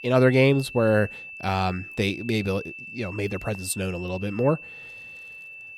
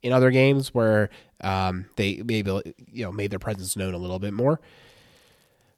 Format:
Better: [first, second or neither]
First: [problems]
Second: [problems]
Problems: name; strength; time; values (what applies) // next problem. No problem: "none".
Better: second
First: high-pitched whine; noticeable; throughout; 2.5 kHz, 15 dB below the speech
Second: none